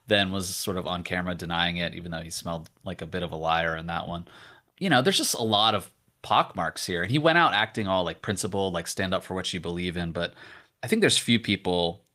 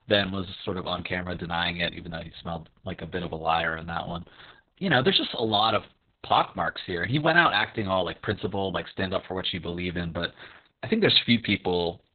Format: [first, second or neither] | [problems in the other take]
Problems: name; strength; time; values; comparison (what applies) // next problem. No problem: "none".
first | garbled, watery; badly; nothing above 4 kHz; slightly in the first